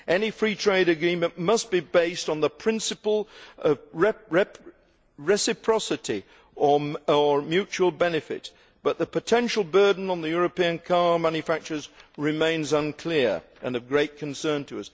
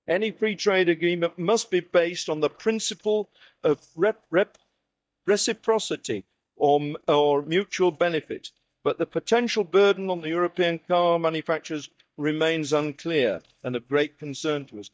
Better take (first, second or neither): first